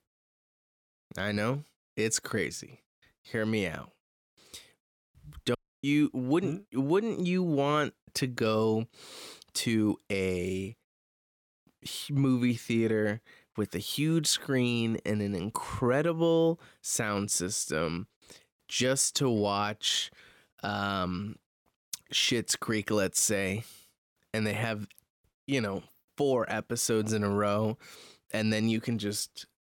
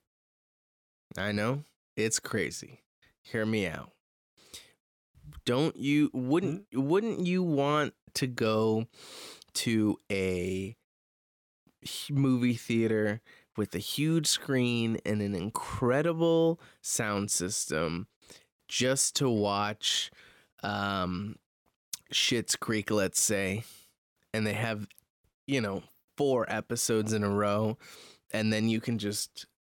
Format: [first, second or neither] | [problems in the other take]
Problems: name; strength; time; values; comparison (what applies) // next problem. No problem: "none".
second | audio cutting out; at 5.5 s